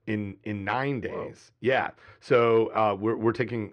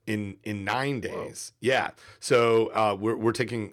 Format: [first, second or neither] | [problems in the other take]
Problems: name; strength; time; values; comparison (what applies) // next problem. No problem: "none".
second | muffled; slightly; fading above 2.5 kHz